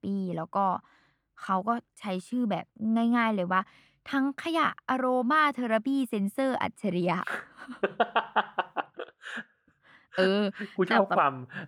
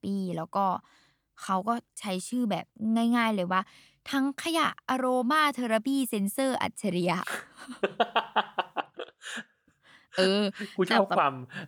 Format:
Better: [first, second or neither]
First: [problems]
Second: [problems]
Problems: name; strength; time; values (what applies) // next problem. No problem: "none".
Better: second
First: muffled; slightly; fading above 3.5 kHz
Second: none